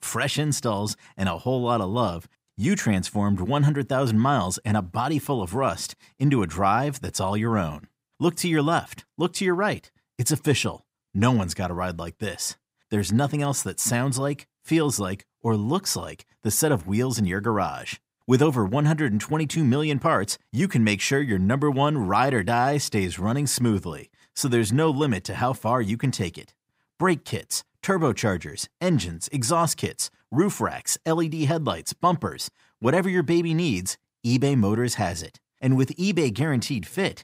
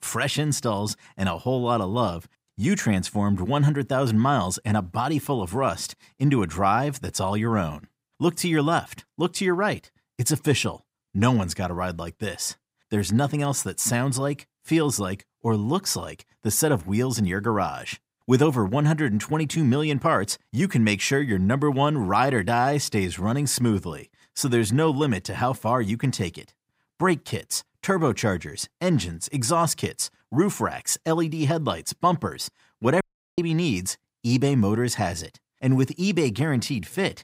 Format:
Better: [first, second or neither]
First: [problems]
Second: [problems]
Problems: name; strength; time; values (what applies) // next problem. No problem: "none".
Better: first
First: none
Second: audio cutting out; at 33 s